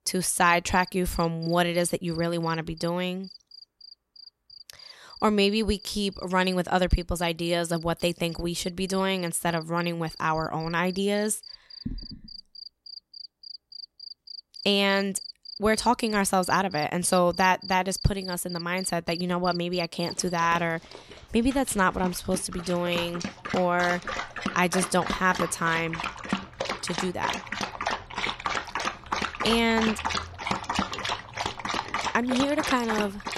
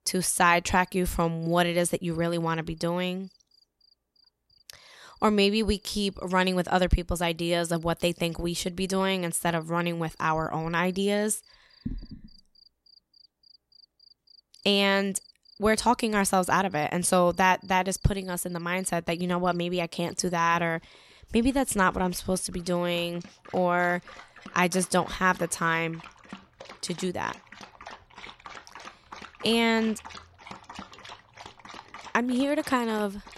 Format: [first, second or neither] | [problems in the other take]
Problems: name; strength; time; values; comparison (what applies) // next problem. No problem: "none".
second | animal sounds; loud; throughout; 8 dB below the speech; faint in the second